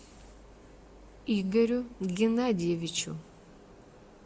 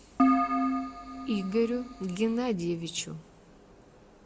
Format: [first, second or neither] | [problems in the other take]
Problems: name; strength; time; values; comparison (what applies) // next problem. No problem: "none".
first | background sound (Keyboard (musical)); 3 dB above the speech